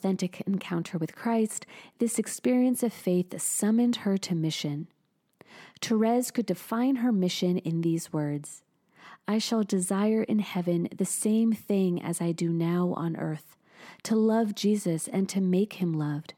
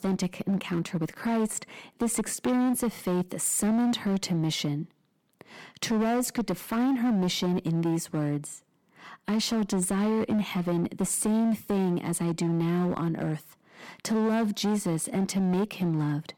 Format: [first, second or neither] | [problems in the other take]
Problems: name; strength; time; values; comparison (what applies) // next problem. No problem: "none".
first | distortion; slight; 16% of the sound clipped